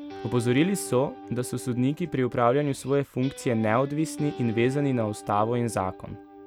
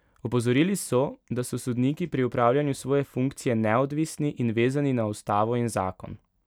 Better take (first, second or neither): second